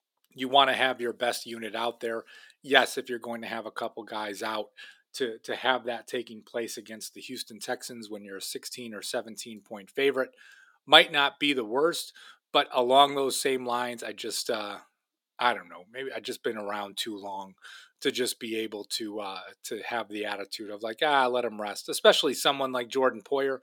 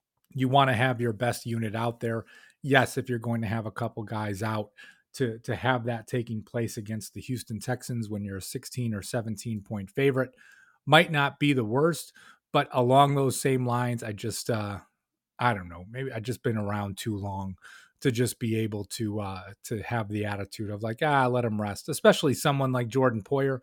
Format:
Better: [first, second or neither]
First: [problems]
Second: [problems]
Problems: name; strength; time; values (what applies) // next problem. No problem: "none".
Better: second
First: thin; somewhat; fading below 300 Hz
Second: none